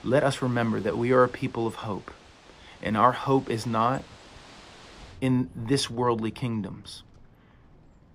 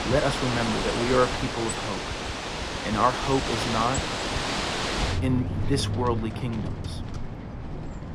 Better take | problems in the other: first | animal sounds; loud; throughout; 2 dB below the speech; faint in the first

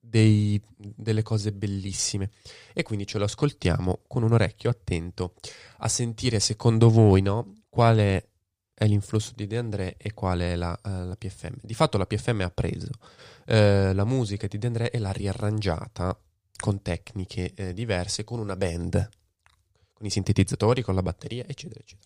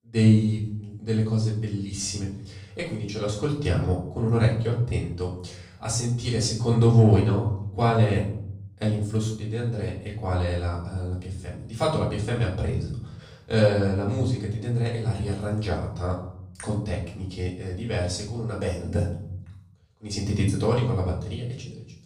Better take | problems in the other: first | off-mic speech; far // room echo; noticeable; dies away in 0.7 s

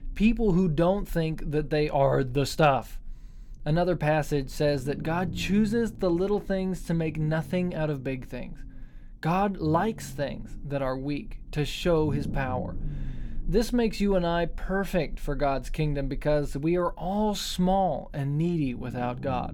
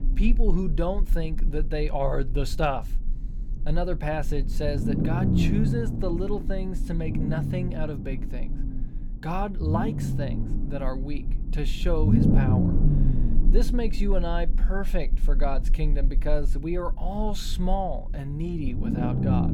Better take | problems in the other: first | low rumble; loud; throughout; 4 dB below the speech; faint in the first

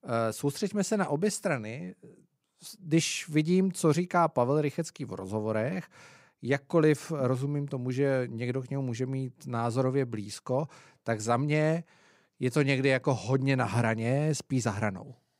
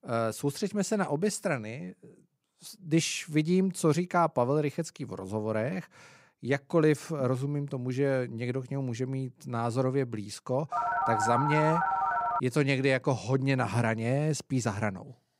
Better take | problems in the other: first | phone ringing; loud; from 11 to 12 s; peak 2 dB above the speech

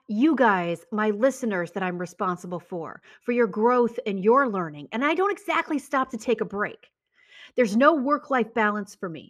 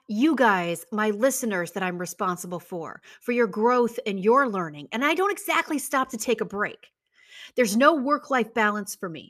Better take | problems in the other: second | muffled; slightly; fading above 2 kHz

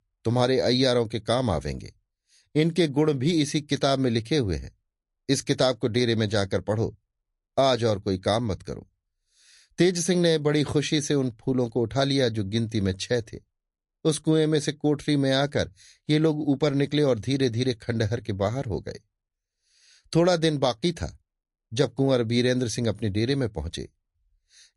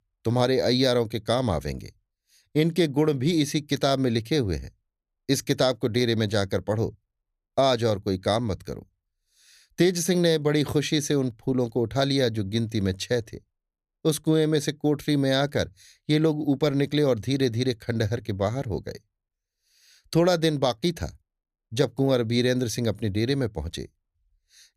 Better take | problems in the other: second | garbled, watery; slightly; nothing above 11 kHz

